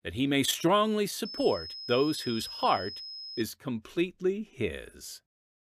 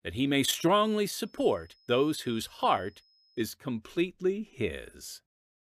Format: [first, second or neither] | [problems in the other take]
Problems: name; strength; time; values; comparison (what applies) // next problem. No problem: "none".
second | high-pitched whine; loud; from 1.5 to 3.5 s; 5 kHz, 10 dB below the speech; faint in the second